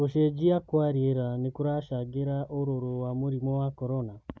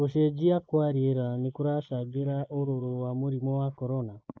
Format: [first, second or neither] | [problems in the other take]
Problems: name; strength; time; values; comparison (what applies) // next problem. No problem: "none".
first | noise reduction (neural mask model Resemble Enhance denoiser)